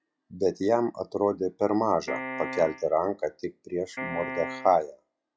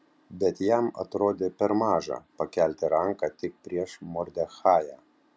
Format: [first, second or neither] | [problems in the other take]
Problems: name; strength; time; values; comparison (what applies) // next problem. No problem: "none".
second | noise reduction (classical method log-MMSE)